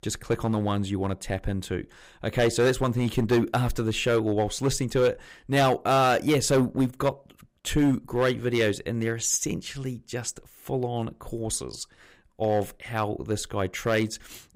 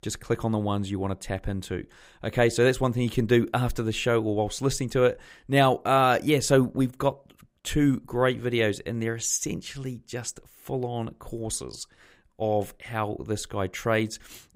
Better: second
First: distortion; slight; 4% of the sound clipped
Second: none

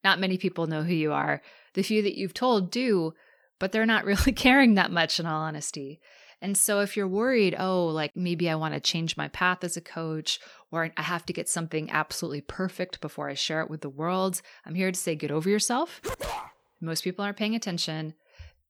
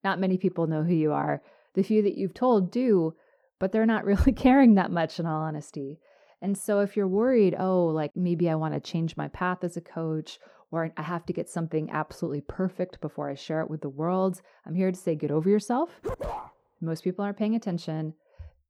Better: first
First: none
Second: muffled; slightly; fading above 1.5 kHz

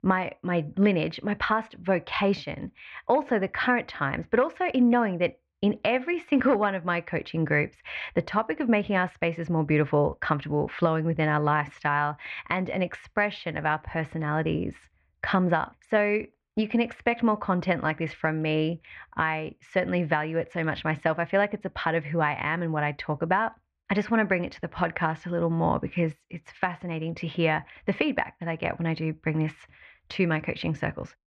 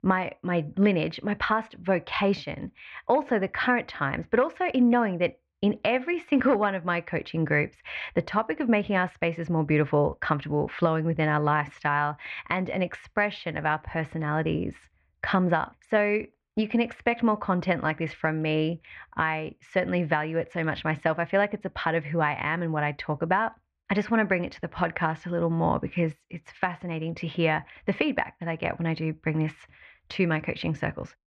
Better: neither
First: muffled; very; fading above 2.5 kHz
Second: muffled; very; fading above 2.5 kHz

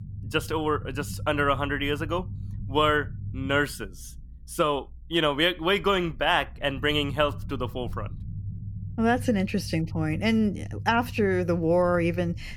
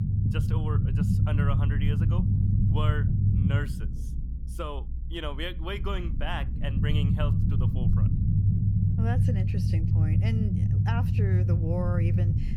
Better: first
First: low rumble; faint; throughout; 25 dB below the speech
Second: low rumble; loud; throughout; 1 dB below the speech

